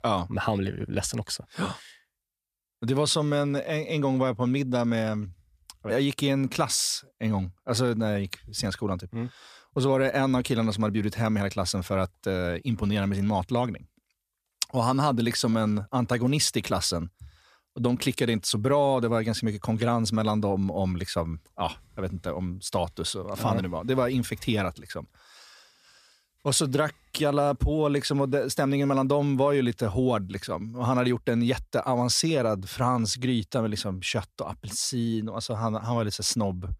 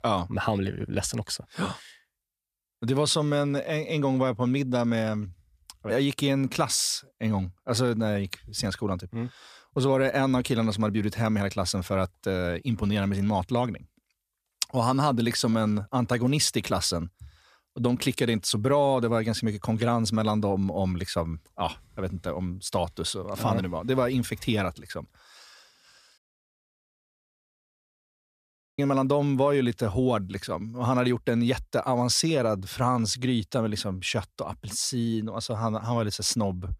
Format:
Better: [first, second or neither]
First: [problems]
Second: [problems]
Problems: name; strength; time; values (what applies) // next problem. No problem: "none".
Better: first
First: none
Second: audio cutting out; at 26 s for 2.5 s